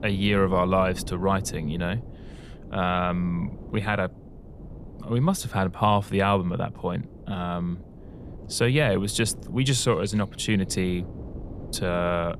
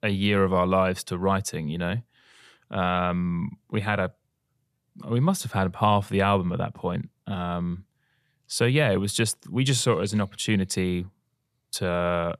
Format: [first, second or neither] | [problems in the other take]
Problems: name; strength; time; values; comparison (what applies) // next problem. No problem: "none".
second | wind noise on the microphone; occasional gusts; 20 dB below the speech